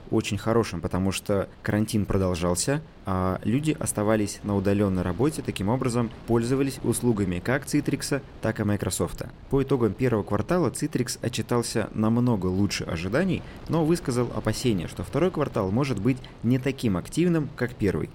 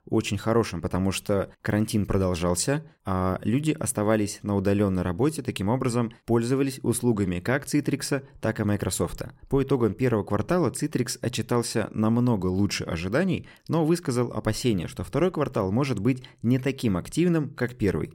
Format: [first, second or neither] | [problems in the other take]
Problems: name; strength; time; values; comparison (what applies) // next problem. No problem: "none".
second | wind noise on the microphone; occasional gusts; 20 dB below the speech